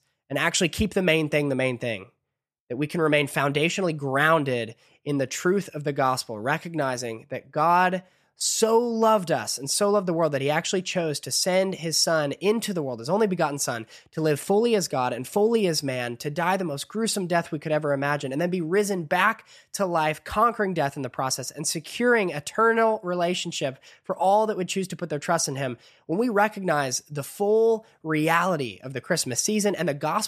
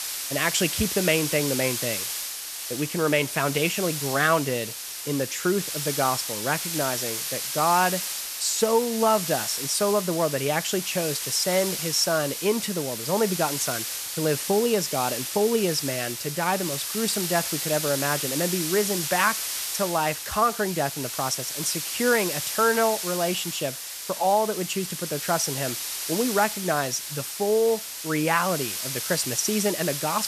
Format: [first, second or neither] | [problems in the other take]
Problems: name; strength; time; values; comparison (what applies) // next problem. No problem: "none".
first | hiss; loud; throughout; 3 dB below the speech